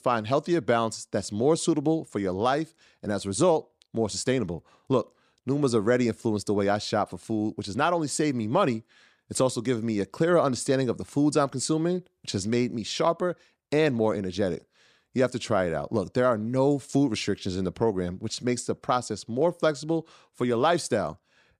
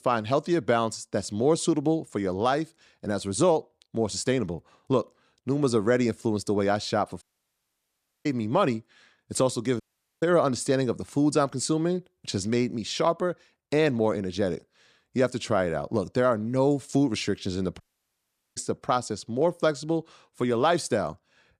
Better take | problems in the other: first | audio cutting out; at 7 s for 1 s, at 10 s and at 18 s for 1 s

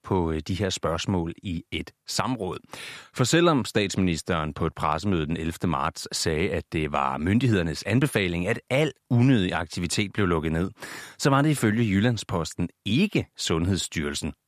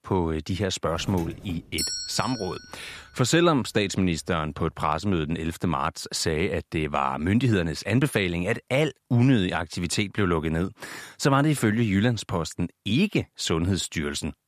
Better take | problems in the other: first | doorbell; noticeable; from 1 to 2.5 s; peak 2 dB below the speech

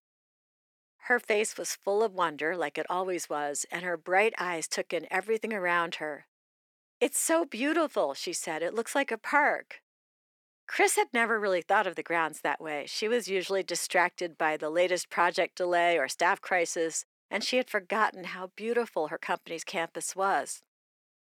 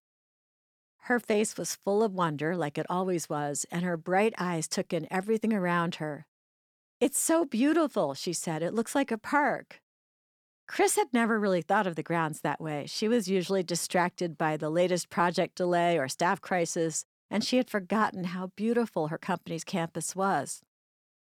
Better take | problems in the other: second | thin; somewhat; fading below 450 Hz

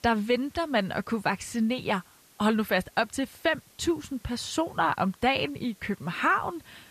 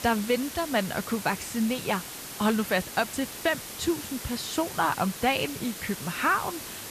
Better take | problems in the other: first | hiss; loud; throughout; 9 dB below the speech; faint in the first

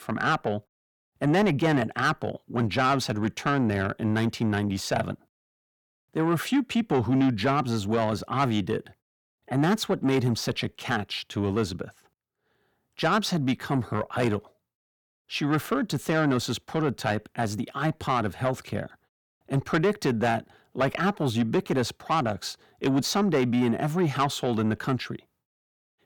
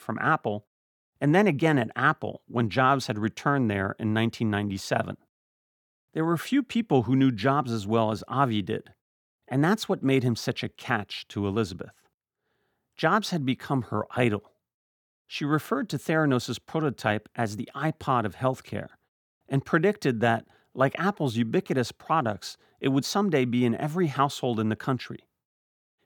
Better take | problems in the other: second | distortion; slight; 10 dB below the speech

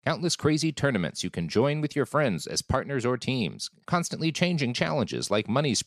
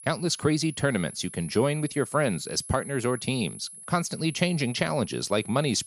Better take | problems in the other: first | high-pitched whine; noticeable; throughout; 10.5 kHz, 15 dB below the speech

